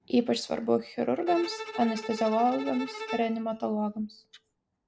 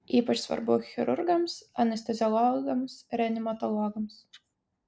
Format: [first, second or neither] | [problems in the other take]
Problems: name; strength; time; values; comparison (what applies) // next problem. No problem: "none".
second | background sound (Bowed string instrument); 11 dB below the speech